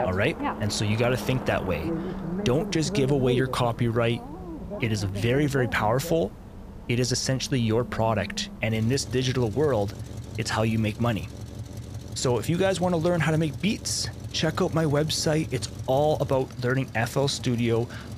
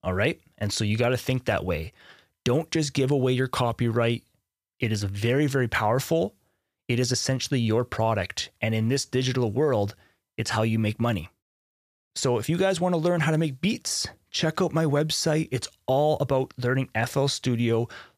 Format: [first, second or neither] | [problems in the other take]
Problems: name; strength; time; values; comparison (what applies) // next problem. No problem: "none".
second | traffic noise; noticeable; throughout; 10 dB below the speech